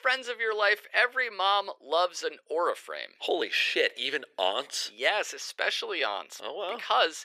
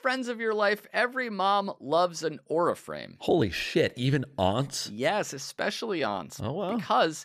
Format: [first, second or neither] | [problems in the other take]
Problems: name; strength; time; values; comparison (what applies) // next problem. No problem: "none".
second | thin; very; fading below 400 Hz